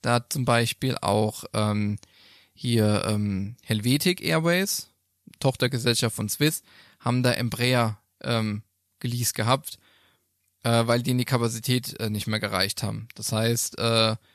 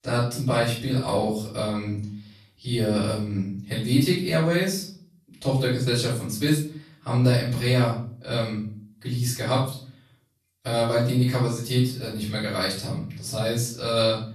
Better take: first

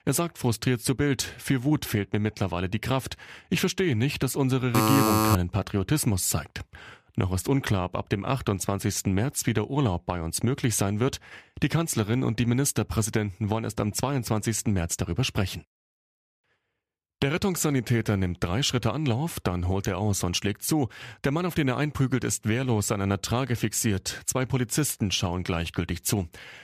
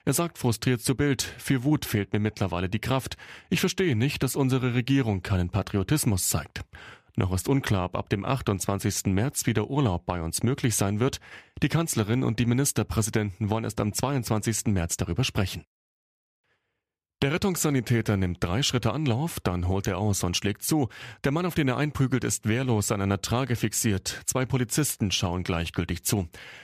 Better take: second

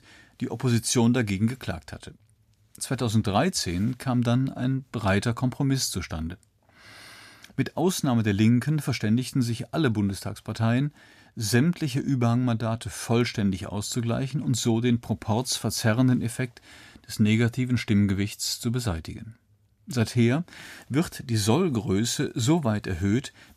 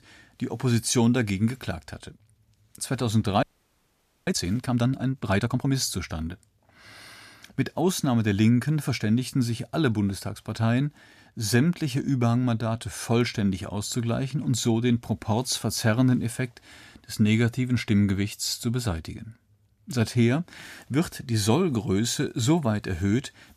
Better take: first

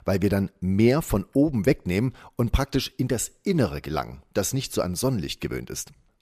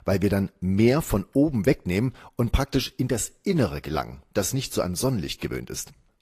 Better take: first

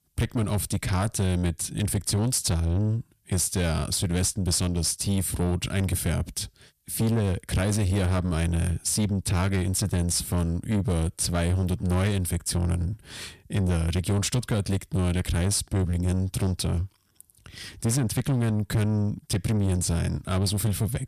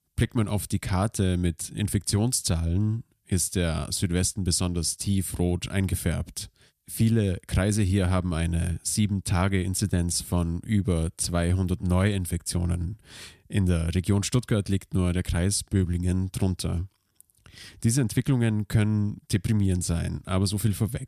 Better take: second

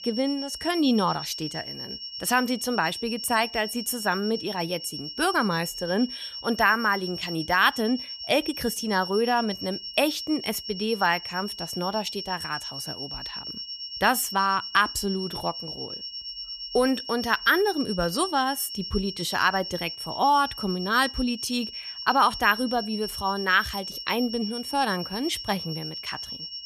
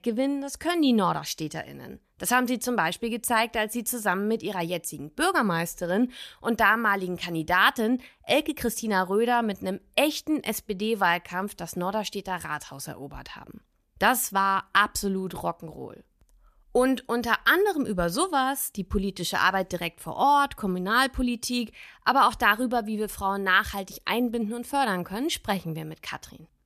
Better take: second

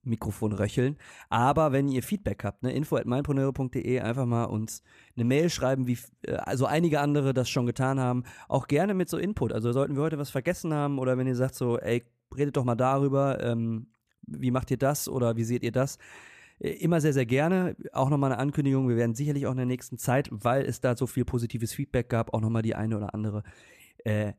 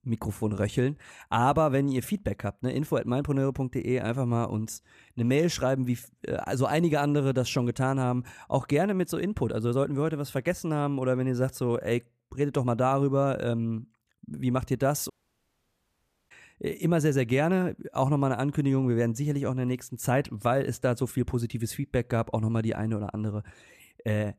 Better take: first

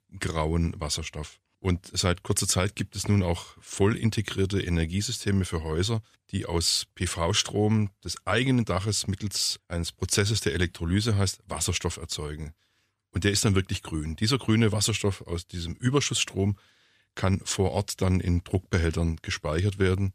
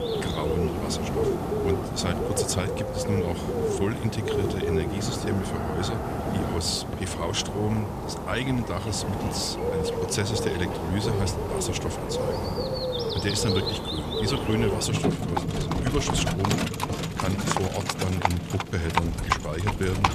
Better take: first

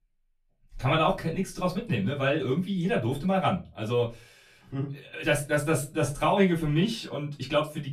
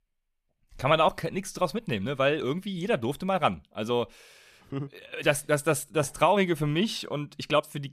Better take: second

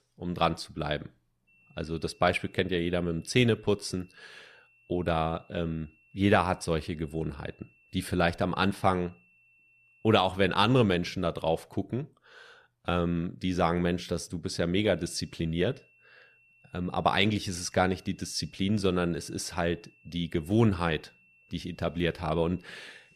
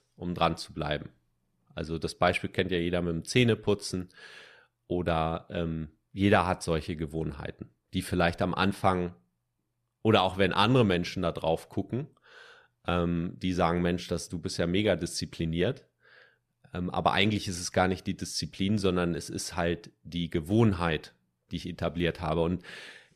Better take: second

